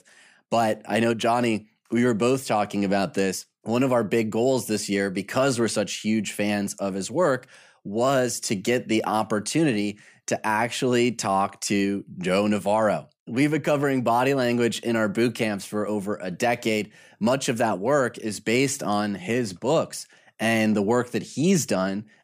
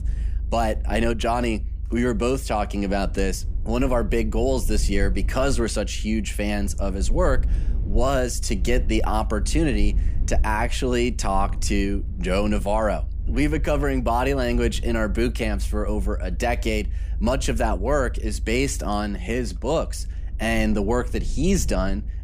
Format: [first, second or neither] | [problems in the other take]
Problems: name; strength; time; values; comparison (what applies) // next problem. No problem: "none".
first | low rumble; faint; throughout; 20 dB below the speech